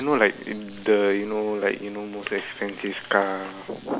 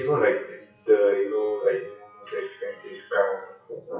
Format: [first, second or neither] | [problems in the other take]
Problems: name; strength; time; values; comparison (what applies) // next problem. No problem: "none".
first | noise reduction (classical method WPE with log-MMSE)